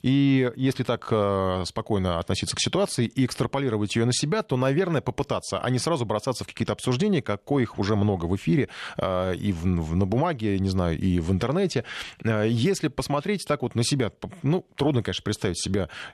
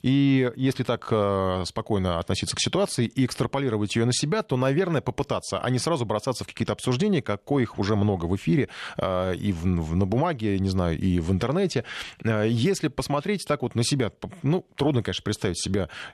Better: neither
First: none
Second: none

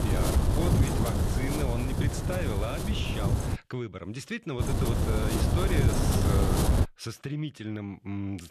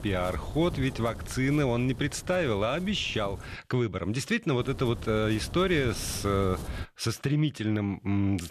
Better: second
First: wind noise on the microphone; heavy; until 3.5 s and from 4.5 to 7 s; 3 dB above the speech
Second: wind noise on the microphone; occasional gusts; until 3.5 s and from 4.5 to 7 s; 15 dB below the speech

